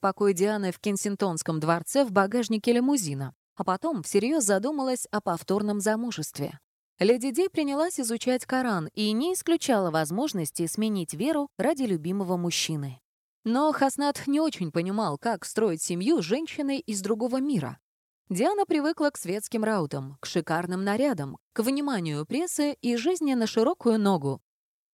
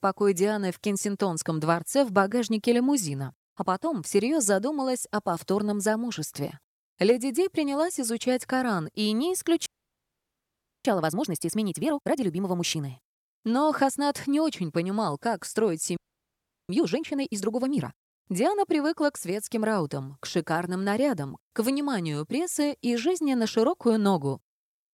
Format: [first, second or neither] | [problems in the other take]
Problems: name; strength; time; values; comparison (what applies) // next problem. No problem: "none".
first | audio freezing; at 9.5 s for 1 s and at 16 s for 0.5 s